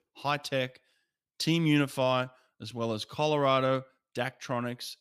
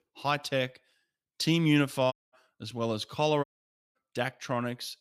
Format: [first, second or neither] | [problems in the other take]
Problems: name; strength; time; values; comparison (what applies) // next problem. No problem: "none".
first | audio cutting out; at 2 s and at 3.5 s for 0.5 s